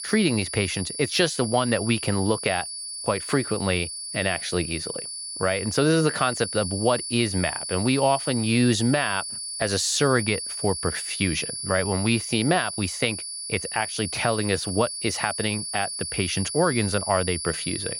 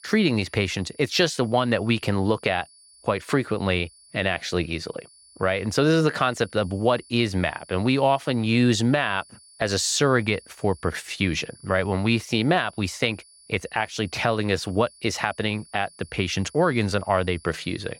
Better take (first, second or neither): second